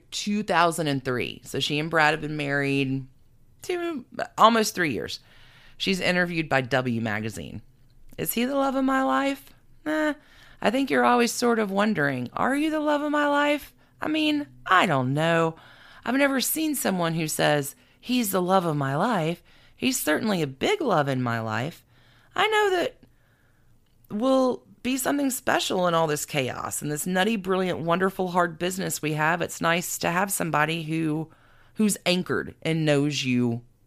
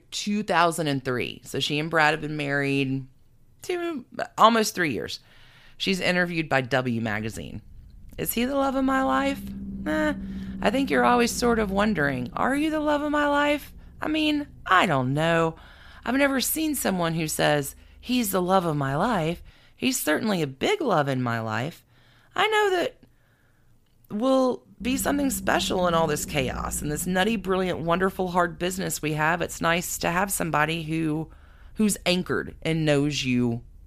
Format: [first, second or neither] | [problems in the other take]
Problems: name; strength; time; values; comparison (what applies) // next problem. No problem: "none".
first | low rumble; faint; from 7 to 20 s and from 25 s on; 20 dB below the speech